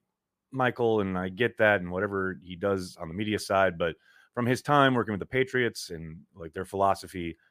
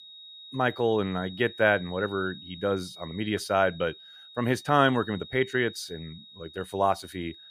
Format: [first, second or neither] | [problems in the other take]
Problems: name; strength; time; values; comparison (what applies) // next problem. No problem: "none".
first | high-pitched whine; noticeable; throughout; 4 kHz, 15 dB below the speech